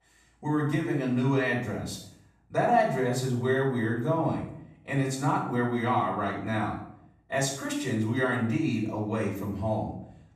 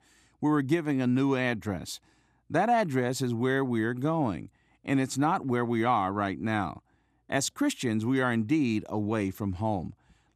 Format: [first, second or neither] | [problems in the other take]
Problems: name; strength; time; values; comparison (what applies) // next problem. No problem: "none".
second | off-mic speech; far // room echo; noticeable; dies away in 0.6 s